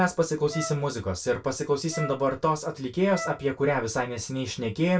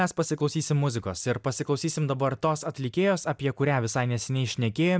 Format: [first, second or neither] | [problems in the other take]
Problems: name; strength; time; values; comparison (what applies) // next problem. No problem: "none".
second | background sound (Wind instrument, woodwind instrument); 13 dB below the speech // room echo; dies away in 0.2 s